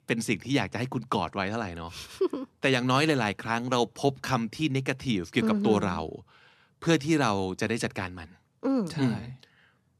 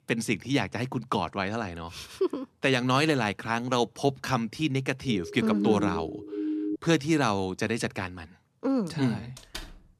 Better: first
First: none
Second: siren; noticeable; from 5 to 7 s; peak 2 dB below the speech // door banging; faint; at 9.5 s; peak 15 dB below the speech

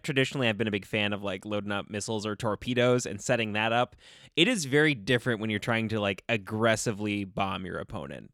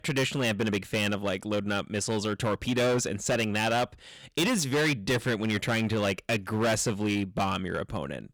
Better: first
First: none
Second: distortion; heavy; 14% of the sound clipped

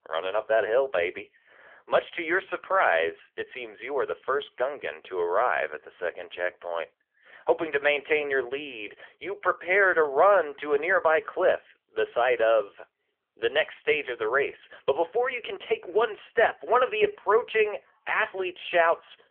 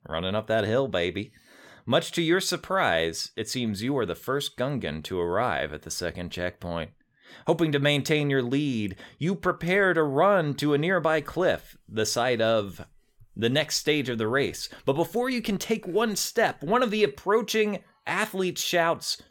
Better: second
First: phone-call audio; poor line; nothing above 3.5 kHz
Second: none

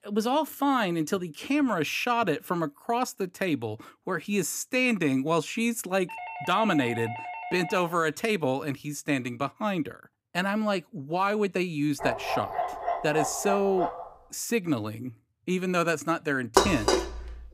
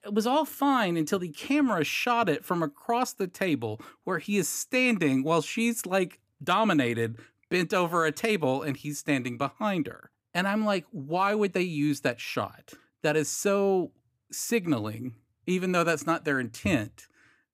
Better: second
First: doorbell; noticeable; from 6 to 8 s; peak 8 dB below the speech // dog barking; noticeable; from 12 to 14 s; peak 2 dB below the speech // clattering dishes; loud; at 17 s; peak 5 dB above the speech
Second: none

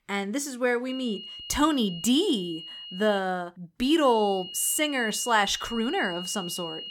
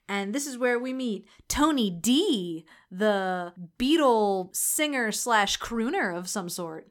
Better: second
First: high-pitched whine; noticeable; from 1 to 3 s and from 4 s on; 3 kHz, 10 dB below the speech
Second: none

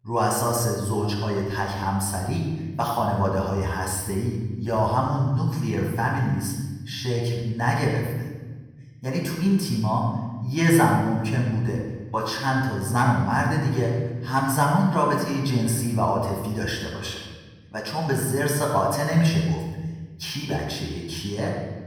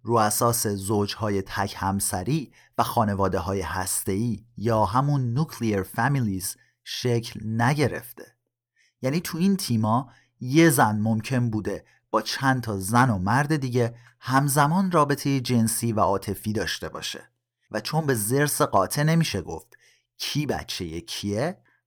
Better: second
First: off-mic speech; far // room echo; noticeable; dies away in 1.3 s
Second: none

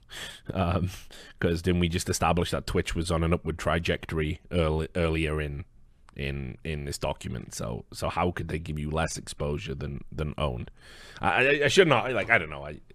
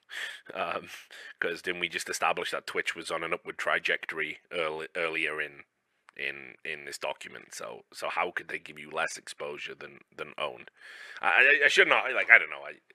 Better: first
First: none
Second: thin; very; fading below 500 Hz

